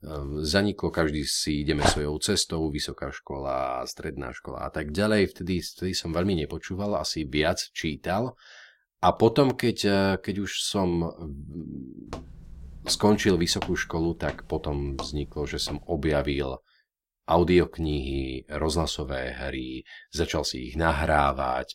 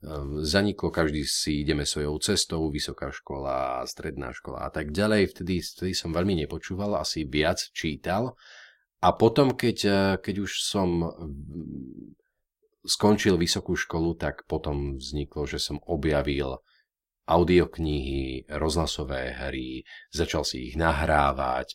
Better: second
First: dog barking; loud; at 2 s; peak level with the speech // footsteps; faint; from 12 to 16 s; peak 10 dB below the speech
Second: none

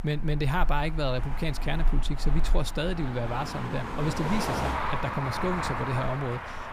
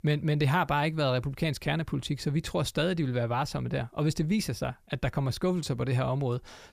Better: second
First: traffic noise; loud; throughout; 2 dB below the speech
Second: none

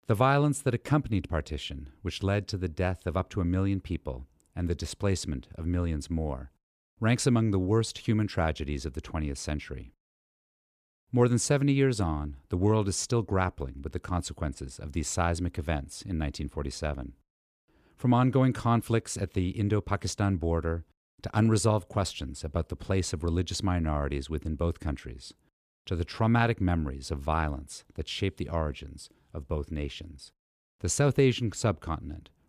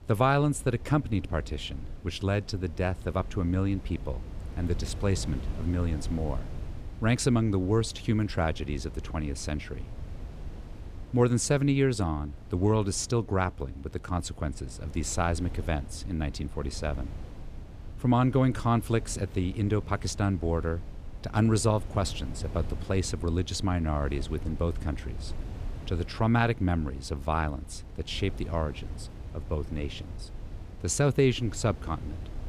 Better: first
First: none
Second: wind noise on the microphone; occasional gusts; 20 dB below the speech

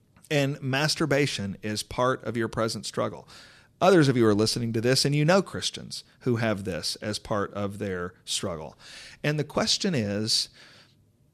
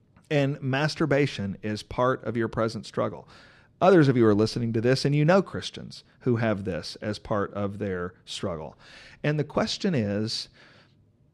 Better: first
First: none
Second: muffled; slightly; fading above 2 kHz

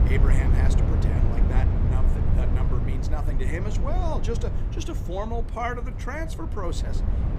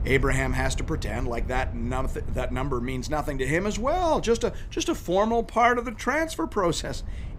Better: second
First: low rumble; loud; throughout; 4 dB below the speech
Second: low rumble; faint; throughout; 25 dB below the speech

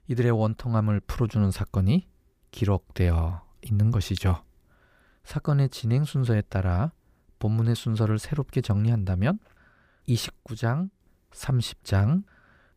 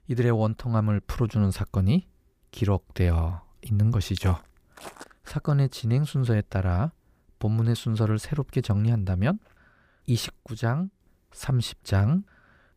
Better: first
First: none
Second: footsteps; faint; from 4 to 5.5 s; peak 15 dB below the speech

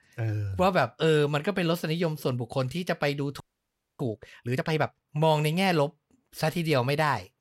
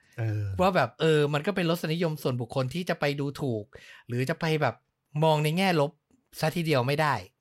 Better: second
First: audio freezing; at 3.5 s for 0.5 s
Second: none

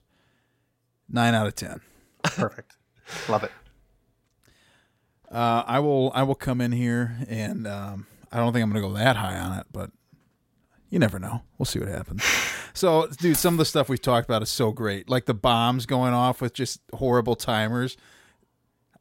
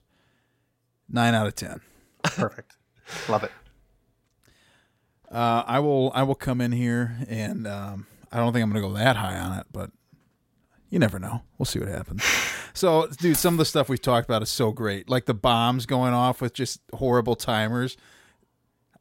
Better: neither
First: jangling keys; noticeable; at 13 s; peak 4 dB below the speech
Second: jangling keys; noticeable; at 13 s; peak 4 dB below the speech

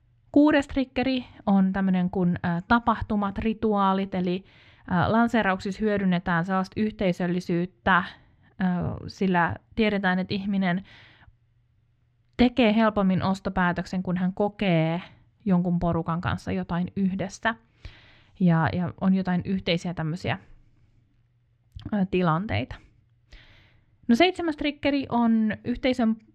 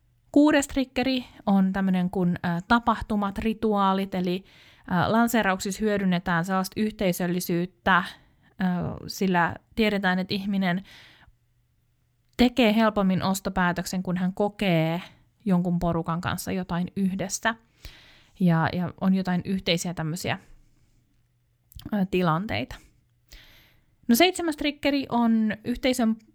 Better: second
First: muffled; very slightly; fading above 3.5 kHz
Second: none

